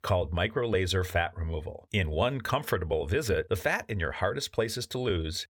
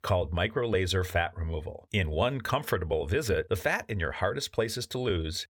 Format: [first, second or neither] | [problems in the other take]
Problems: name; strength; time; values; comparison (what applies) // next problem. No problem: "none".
neither | none